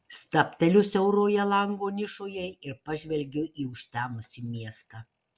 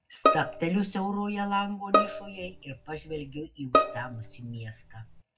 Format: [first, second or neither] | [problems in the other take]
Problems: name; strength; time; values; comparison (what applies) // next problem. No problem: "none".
first | background sound (Bowed string instrument); 3 dB above the speech // room echo; dies away in 0.3 s